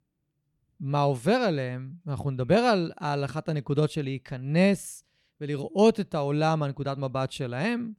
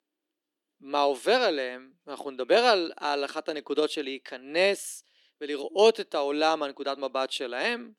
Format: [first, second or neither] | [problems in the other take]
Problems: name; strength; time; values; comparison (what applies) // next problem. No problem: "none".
first | thin; somewhat; fading below 300 Hz